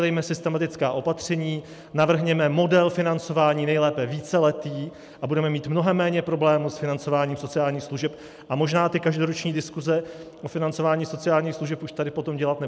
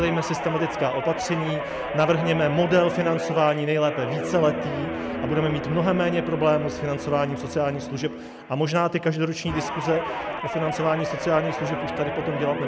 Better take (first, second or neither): first